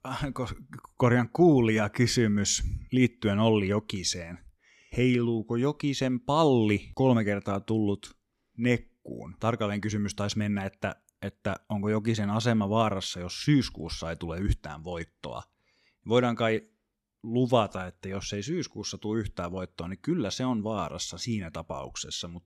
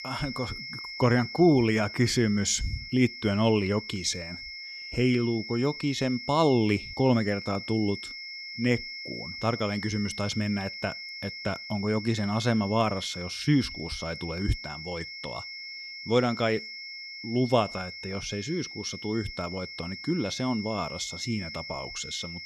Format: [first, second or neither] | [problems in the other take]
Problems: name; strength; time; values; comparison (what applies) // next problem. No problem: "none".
first | high-pitched whine; loud; throughout; 2 kHz, 9 dB below the speech